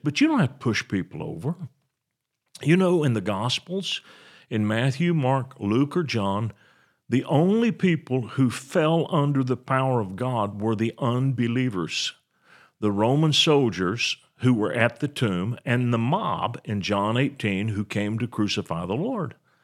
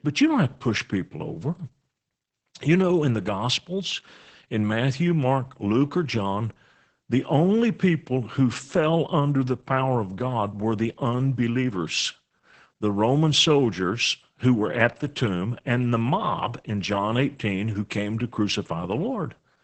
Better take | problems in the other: first | garbled, watery; badly; nothing above 8 kHz

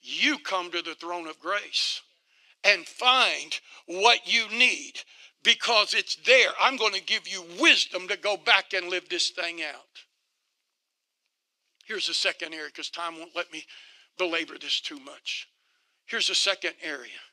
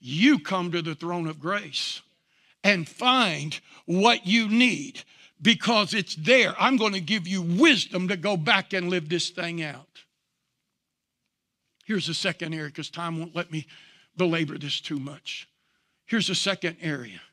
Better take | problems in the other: second | thin; very; fading below 400 Hz

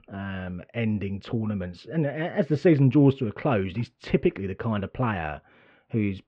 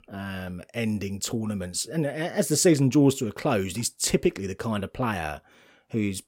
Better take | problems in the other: second | muffled; very; fading above 3 kHz

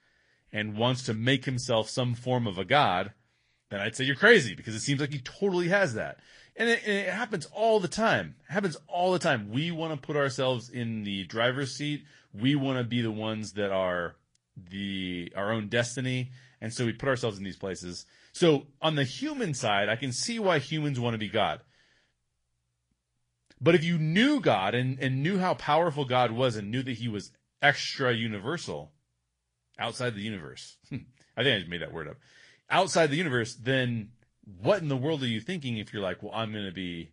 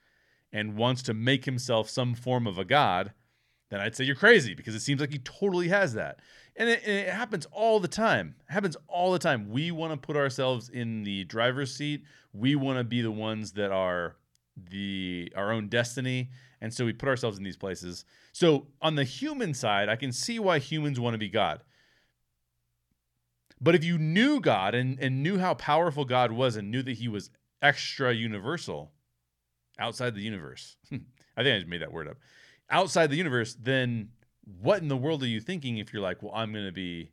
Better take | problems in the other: second | garbled, watery; slightly; nothing above 10 kHz

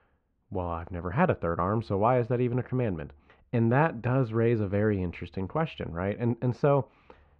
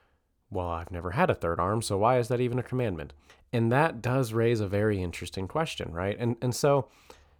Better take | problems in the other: second | muffled; very; fading above 2.5 kHz

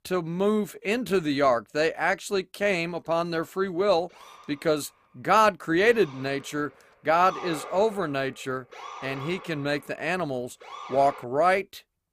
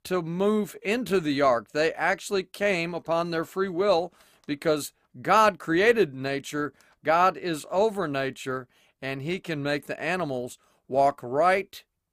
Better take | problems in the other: second | siren; faint; from 4 to 11 s; peak 10 dB below the speech

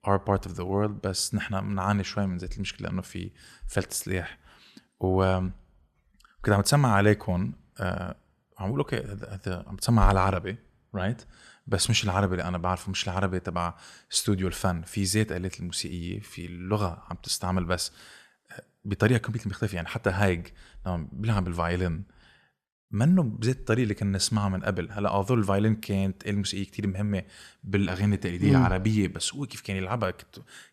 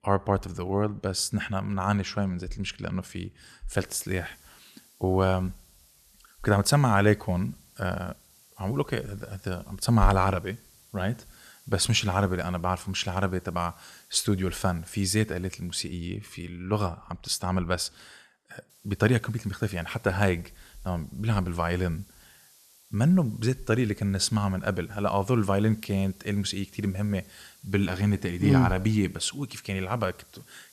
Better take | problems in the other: first | hiss; faint; from 3.5 to 16 s and from 19 s on; 25 dB below the speech

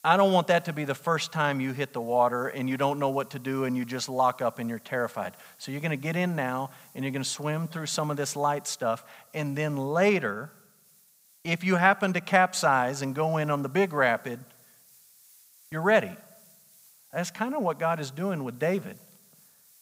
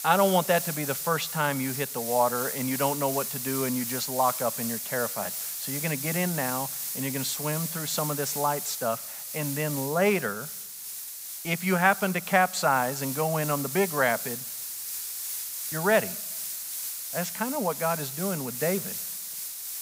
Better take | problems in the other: first | hiss; loud; throughout; 4 dB below the speech; faint in the first

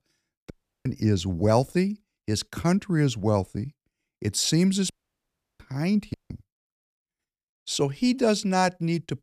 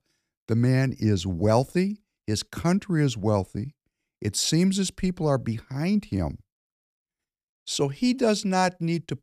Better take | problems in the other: second | audio cutting out; at 0.5 s, at 5 s for 0.5 s and at 6 s

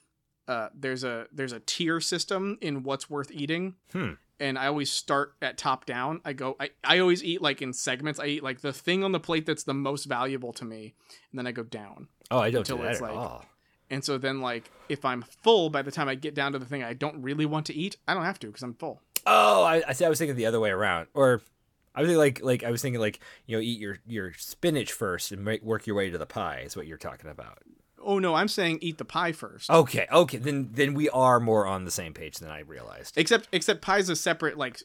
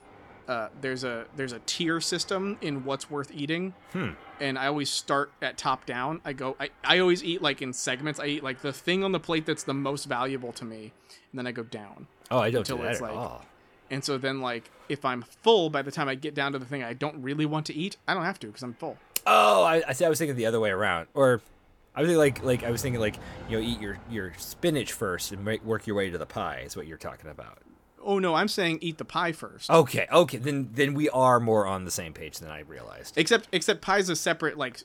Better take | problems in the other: first | train or aircraft noise; faint; throughout; 25 dB below the speech

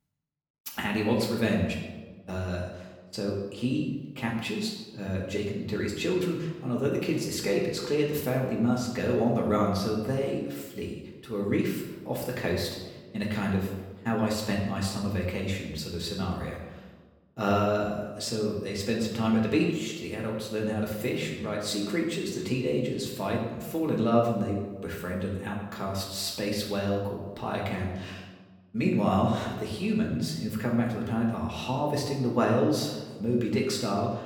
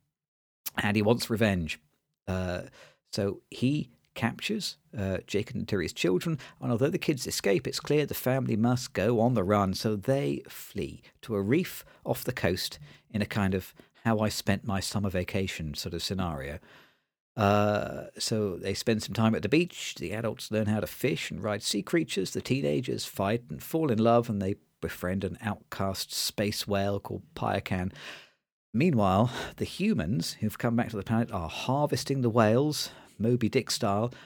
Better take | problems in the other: second | room echo; noticeable; dies away in 0.9 s // off-mic speech; far

